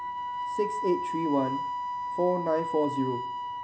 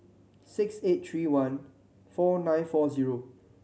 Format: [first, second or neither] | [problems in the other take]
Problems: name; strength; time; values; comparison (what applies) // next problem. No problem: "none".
second | background sound (Wind instrument, woodwind instrument); 2 dB below the speech